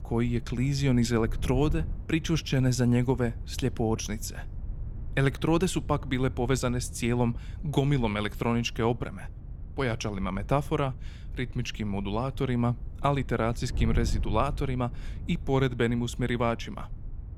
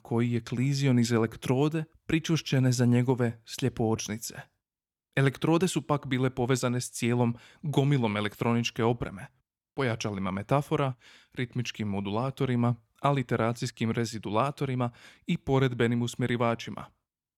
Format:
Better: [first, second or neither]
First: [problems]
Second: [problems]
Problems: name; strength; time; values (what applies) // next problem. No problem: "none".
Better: second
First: wind noise on the microphone; occasional gusts; 20 dB below the speech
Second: none